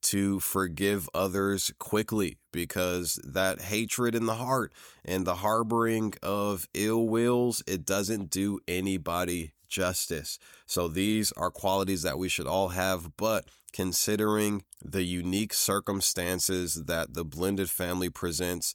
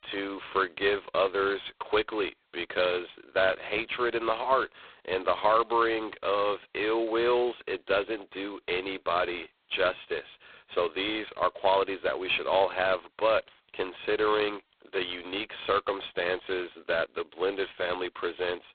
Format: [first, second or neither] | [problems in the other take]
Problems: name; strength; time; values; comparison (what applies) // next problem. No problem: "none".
first | phone-call audio; poor line; nothing above 4 kHz